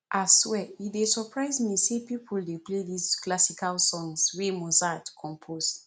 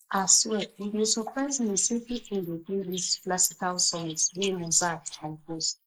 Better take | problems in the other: first | noise reduction (neural mask model Resemble Enhance denoiser)

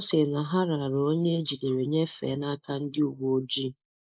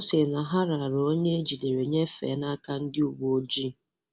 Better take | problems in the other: second | noise reduction (neural mask model Resemble Enhance denoiser)

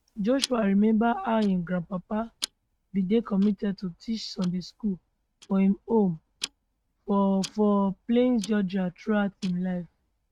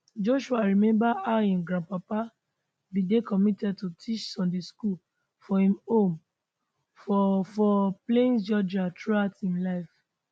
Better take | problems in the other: second | noise reduction (neural mask model RNNoise)

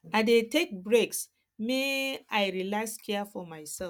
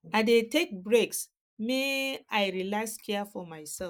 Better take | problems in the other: first | noise reduction (neural mask model Resemble Enhance denoiser)

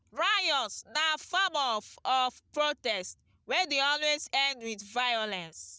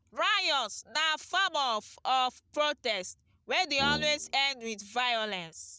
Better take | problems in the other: first | background sound (Brass instrument); 11 dB below the speech

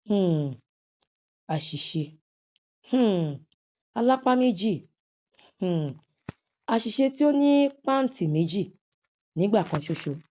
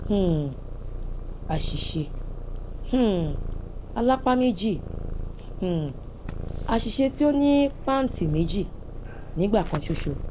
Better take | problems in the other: first | background sound (Purr); 6 dB below the speech

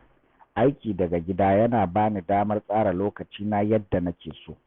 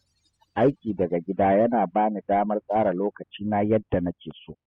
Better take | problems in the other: first | noise reduction (classical method spectral subtraction)

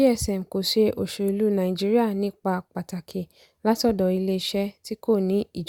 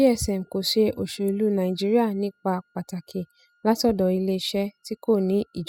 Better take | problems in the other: first | noise reduction (classical method spectral subtraction)

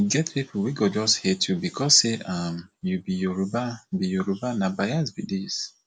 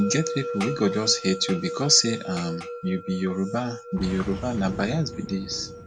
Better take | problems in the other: first | background sound (Musical instrument + Boom); 8 dB below the speech

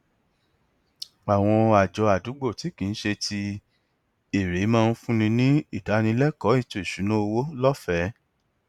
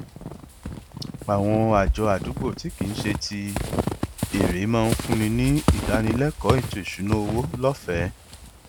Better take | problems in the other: first | background sound (Squeak / Walk, footsteps); 3 dB below the speech

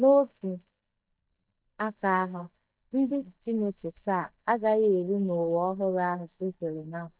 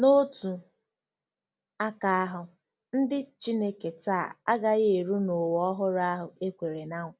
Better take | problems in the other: second | noise reduction (neural mask model DeepFilterNet 3)

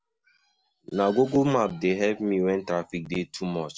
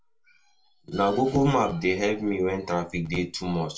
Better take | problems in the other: first | room echo; dies away in 0.2 s

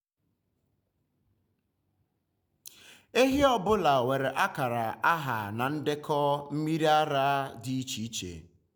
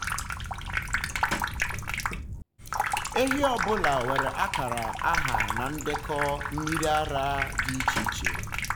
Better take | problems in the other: first | background sound (Sink (filling or washing) / Water tap, faucet); 1 dB above the speech

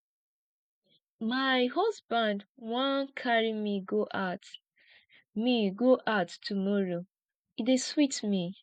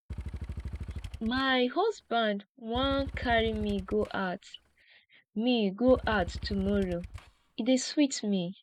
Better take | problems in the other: first | background sound (Motorcycle / Engine); 10 dB below the speech

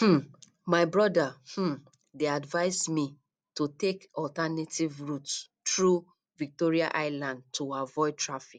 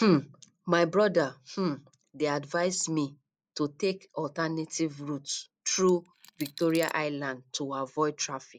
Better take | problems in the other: first | noise reduction (neural mask model Resemble Enhance denoiser)

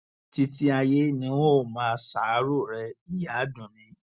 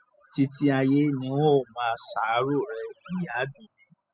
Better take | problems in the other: first | noise reduction (classical method spectral subtraction)

